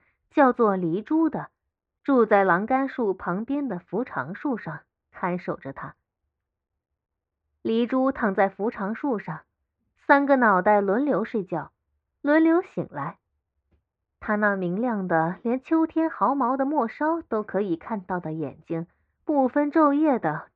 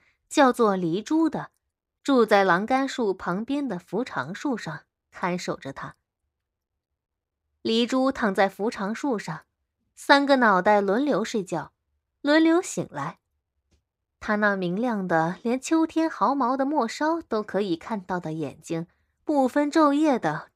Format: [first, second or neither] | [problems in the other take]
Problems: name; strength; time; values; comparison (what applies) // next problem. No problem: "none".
second | muffled; very; fading above 2 kHz